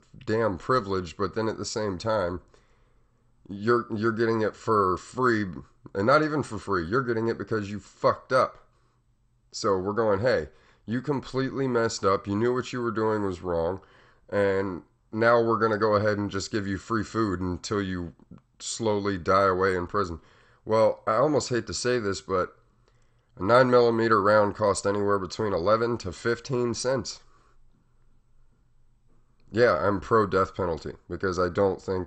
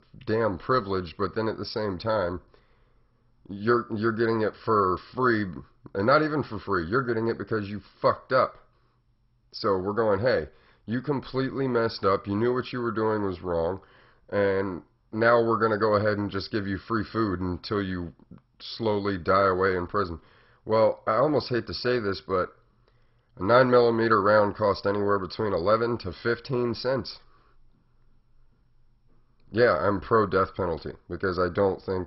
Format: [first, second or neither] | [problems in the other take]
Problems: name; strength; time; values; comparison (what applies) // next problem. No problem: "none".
first | garbled, watery; badly; nothing above 5.5 kHz; slightly in the first